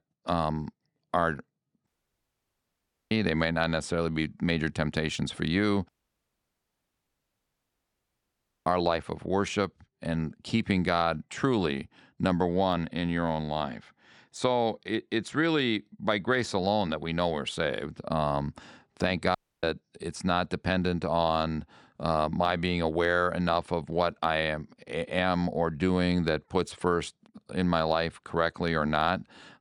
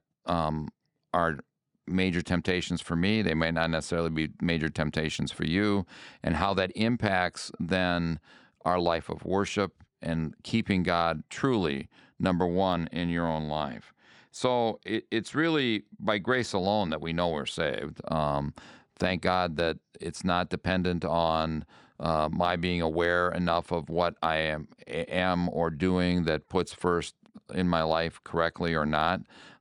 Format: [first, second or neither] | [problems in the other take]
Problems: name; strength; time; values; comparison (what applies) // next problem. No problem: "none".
second | audio cutting out; at 2 s for 1 s, at 6 s for 3 s and at 19 s